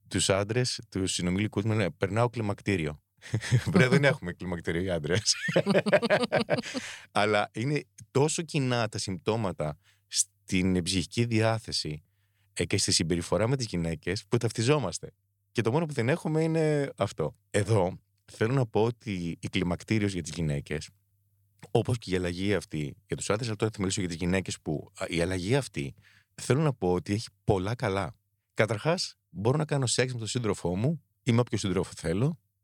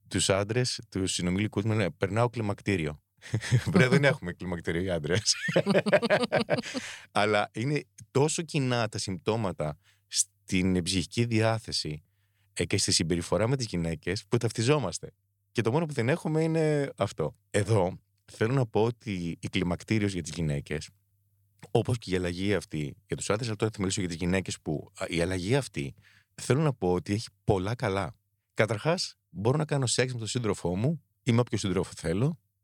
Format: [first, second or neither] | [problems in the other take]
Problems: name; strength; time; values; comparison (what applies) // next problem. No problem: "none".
neither | none